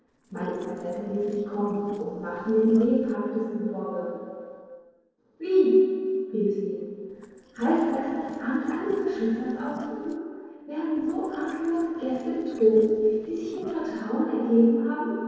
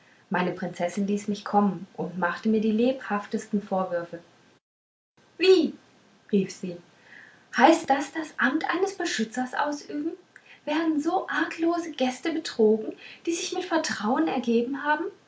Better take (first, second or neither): second